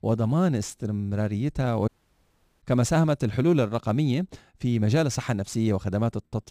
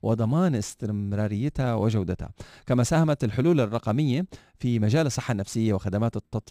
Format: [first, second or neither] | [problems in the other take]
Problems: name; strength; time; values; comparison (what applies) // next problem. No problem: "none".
second | audio cutting out; at 2 s for 0.5 s